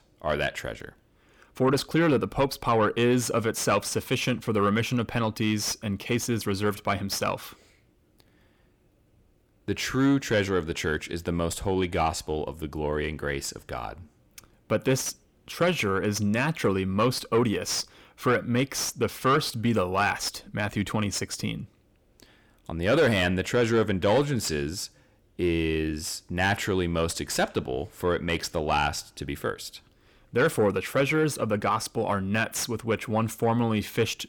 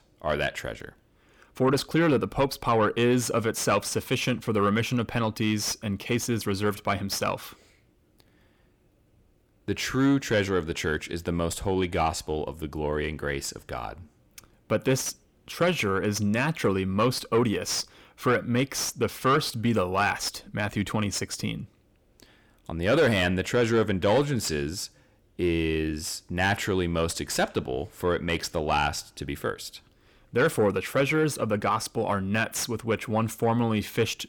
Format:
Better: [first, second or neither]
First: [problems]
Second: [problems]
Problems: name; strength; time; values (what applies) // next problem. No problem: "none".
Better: neither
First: distortion; slight; 10 dB below the speech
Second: distortion; slight; 10 dB below the speech